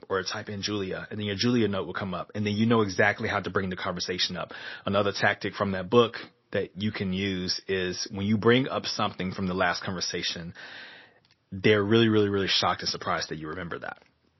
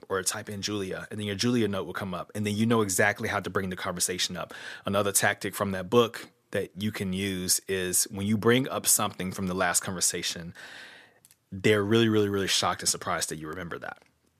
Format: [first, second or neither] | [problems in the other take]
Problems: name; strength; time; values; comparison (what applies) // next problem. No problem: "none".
second | garbled, watery; slightly; nothing above 5.5 kHz